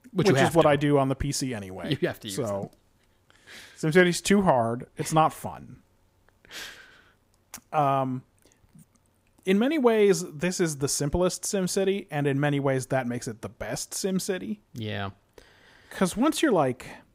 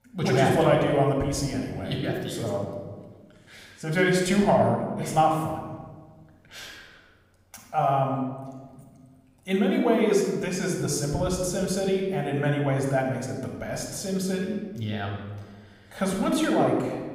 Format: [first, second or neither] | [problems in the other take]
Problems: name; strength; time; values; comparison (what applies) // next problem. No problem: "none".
first | off-mic speech; somewhat distant // room echo; noticeable; dies away in 1.2 s